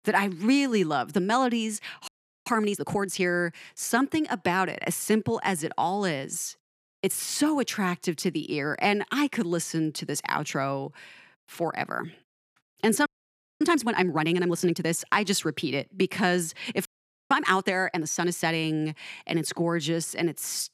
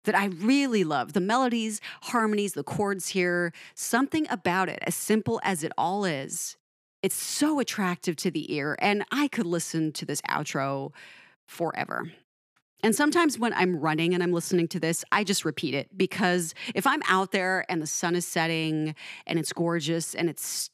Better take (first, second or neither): second